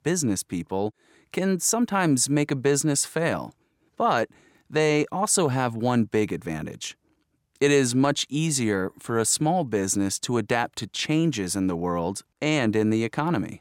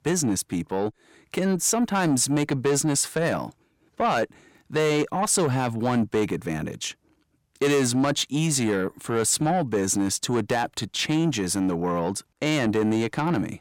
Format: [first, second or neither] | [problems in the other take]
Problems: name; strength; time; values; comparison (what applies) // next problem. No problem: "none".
first | distortion; slight; 10 dB below the speech